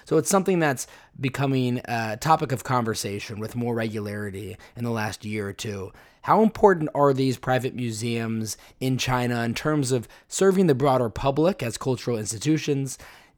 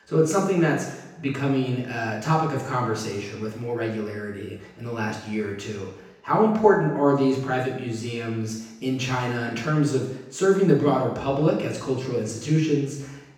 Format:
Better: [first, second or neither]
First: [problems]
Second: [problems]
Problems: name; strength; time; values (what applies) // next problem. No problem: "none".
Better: first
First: none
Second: room echo; noticeable; dies away in 0.9 s // off-mic speech; far